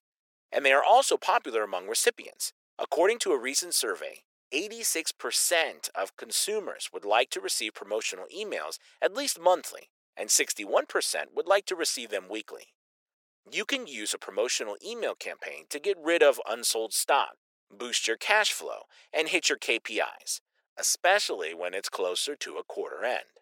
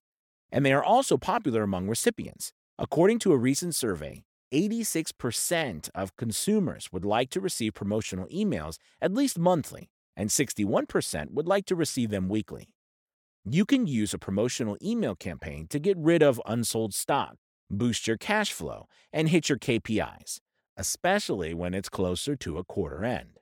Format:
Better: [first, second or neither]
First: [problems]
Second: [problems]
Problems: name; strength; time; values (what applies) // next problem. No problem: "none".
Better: second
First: thin; very; fading below 450 Hz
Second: none